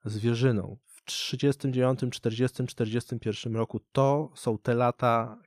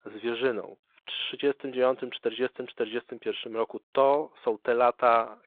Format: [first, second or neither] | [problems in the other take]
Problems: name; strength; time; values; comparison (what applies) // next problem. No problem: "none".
first | phone-call audio